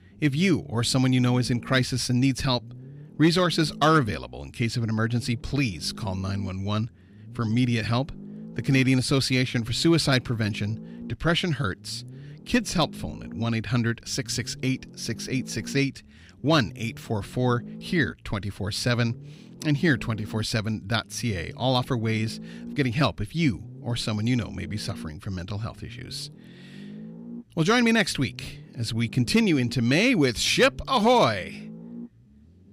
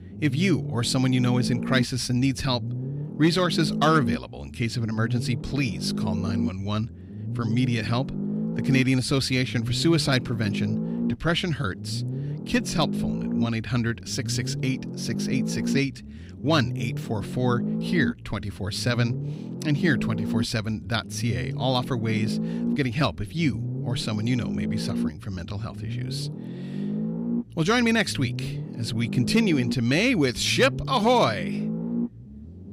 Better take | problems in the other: first | low rumble; loud; throughout; 10 dB below the speech; faint in the first

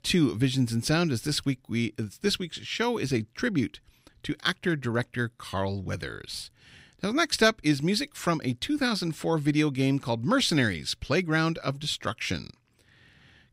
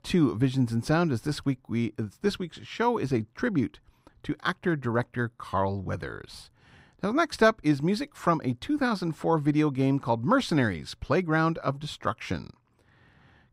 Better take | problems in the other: first | muffled; slightly; fading above 1.5 kHz

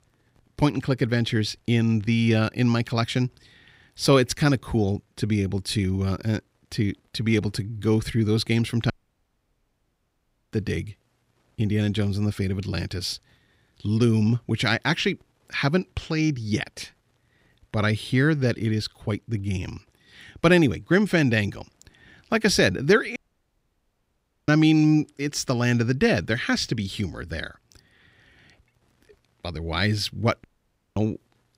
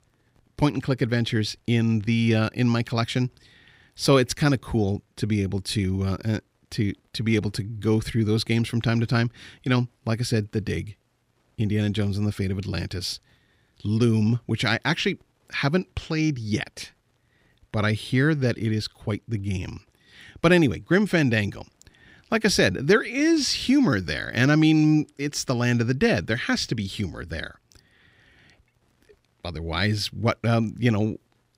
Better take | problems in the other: second | audio cutting out; at 9 s for 1.5 s, at 23 s for 1.5 s and at 30 s for 0.5 s

